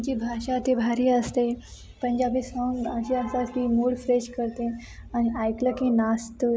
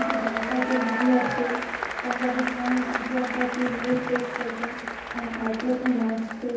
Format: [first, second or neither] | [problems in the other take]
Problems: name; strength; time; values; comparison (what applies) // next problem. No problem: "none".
first | background sound (Applause / Crowd / Cheering); 3 dB below the speech // room echo; dies away in 2.2 s